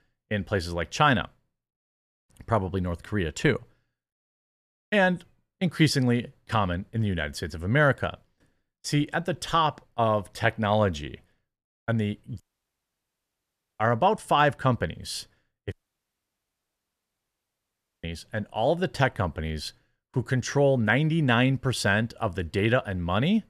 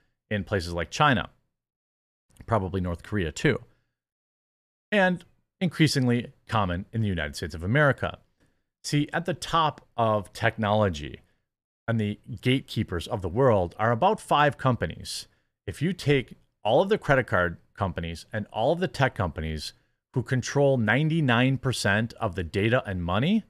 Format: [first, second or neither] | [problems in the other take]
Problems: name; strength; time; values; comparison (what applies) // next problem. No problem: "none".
second | audio cutting out; at 12 s for 1.5 s and at 16 s for 2.5 s